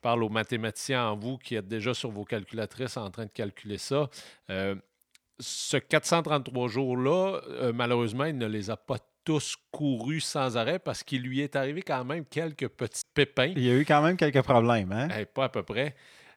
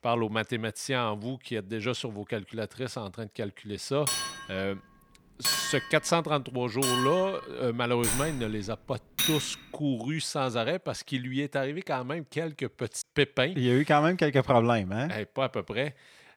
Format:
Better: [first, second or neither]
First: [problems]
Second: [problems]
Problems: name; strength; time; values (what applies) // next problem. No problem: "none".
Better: first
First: none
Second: clattering dishes; loud; from 4 to 9.5 s; peak 2 dB above the speech